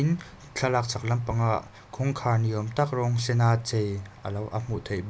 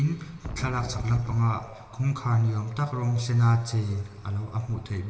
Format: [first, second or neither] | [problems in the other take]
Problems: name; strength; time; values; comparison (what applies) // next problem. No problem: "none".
first | background sound (Wind); 9 dB below the speech // room echo; dies away in 1.9 s